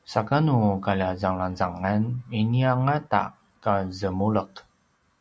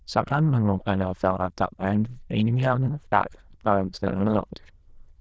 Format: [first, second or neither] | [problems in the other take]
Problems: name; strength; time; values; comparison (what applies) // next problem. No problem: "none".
first | noise reduction (neural diffusion model UNIVERSE++)